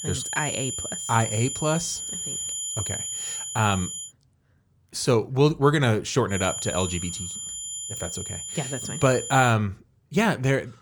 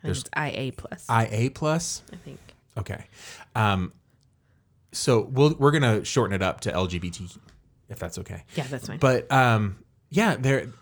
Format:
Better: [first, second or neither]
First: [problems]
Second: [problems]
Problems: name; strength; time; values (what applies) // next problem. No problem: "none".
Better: second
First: high-pitched whine; loud; until 4 s and from 6.5 to 9.5 s; 7 kHz, 5 dB below the speech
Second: none